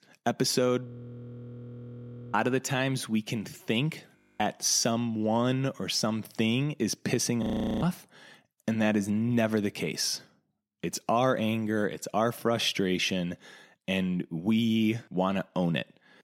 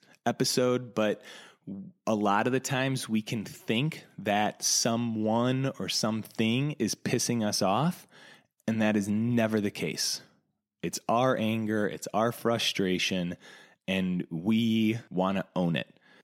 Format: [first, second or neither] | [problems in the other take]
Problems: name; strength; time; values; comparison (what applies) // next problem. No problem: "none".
second | audio freezing; at 1 s for 1.5 s, at 4 s and at 7.5 s